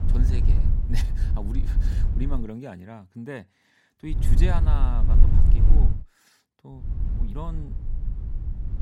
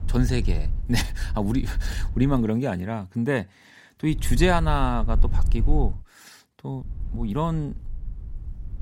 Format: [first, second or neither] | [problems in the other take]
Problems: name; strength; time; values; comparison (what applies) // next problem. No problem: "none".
second | low rumble; loud; until 2.5 s, from 4 to 6 s and from 7 s on; 3 dB below the speech; faint in the second